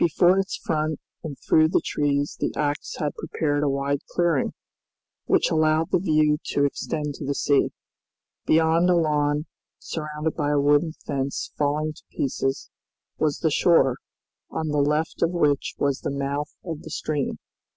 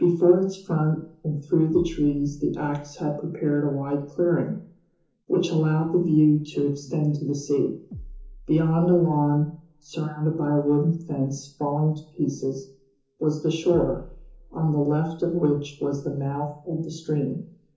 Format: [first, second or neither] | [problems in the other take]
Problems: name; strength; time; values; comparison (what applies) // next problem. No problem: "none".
first | background sound (Bass drum); 20 dB below the speech // room echo; dies away in 0.7 s